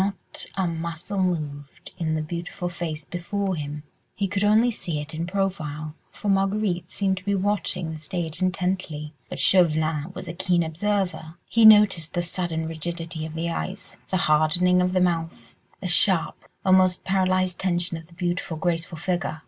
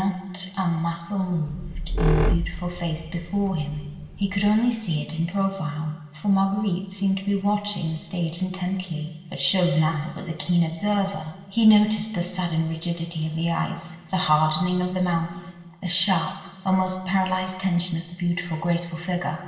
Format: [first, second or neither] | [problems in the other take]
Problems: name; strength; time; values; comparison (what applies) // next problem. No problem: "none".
first | background sound (Squeak); 2 dB below the speech // room echo; dies away in 1.4 s